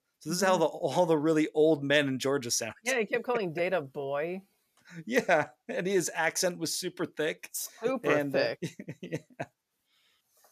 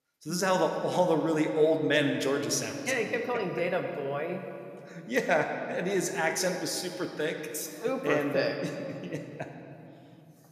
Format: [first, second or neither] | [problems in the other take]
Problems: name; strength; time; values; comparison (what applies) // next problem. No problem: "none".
first | room echo; slight; dies away in 2.2 s